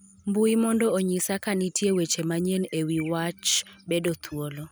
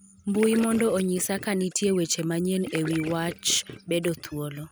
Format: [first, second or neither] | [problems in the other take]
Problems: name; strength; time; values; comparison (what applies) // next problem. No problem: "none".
first | background sound (Gurgling / Liquid); 15 dB below the speech